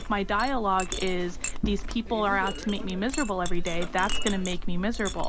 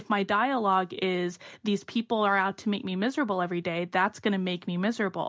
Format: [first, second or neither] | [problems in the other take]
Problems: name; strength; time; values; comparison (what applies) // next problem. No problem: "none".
second | background sound (Chink, clink); 1 dB below the speech